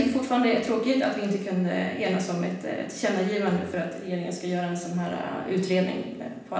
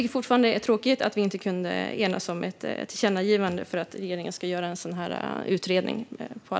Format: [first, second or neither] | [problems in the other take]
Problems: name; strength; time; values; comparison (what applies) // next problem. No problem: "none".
second | room echo; dies away in 0.9 s